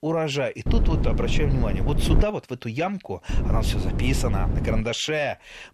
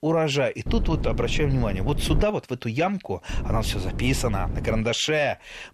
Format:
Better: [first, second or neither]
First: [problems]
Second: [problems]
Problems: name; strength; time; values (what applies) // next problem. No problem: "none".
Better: second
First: wind noise on the microphone; heavy; from 0.5 to 2 s and from 3.5 to 5 s; 8 dB below the speech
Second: wind noise on the microphone; occasional gusts; from 0.5 to 2 s and from 3.5 to 5 s; 15 dB below the speech